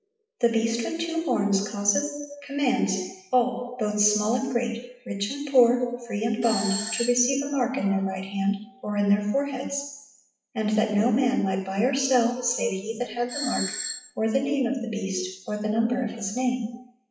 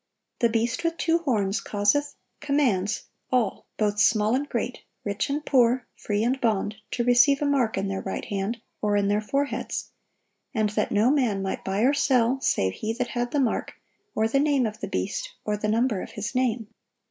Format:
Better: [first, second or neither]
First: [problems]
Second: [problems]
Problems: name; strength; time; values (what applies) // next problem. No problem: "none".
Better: second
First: noise reduction (classical method WPE with log-MMSE)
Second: none